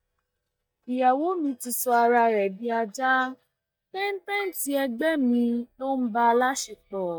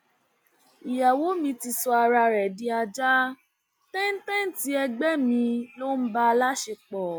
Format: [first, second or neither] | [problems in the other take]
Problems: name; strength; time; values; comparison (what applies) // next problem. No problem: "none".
second | noise reduction (neural mask model DeepFilterNet 3)